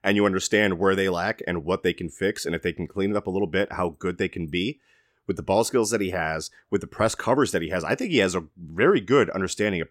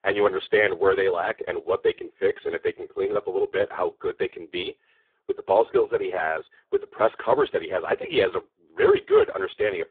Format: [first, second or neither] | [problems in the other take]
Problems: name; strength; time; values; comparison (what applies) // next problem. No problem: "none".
first | phone-call audio; poor line; nothing above 3.5 kHz